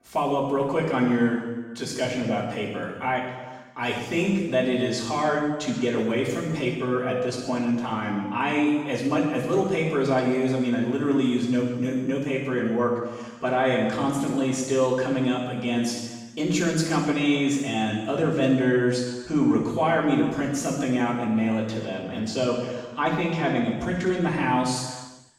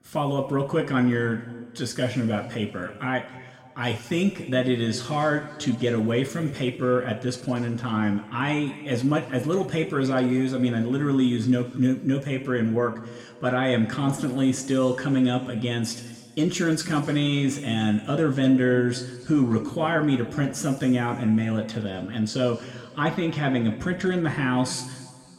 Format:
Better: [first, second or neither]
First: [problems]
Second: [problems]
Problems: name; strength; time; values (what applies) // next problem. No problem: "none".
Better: second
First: room echo; strong; dies away in 1.2 s // off-mic speech; far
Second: room echo; slight; dies away in 1.8 s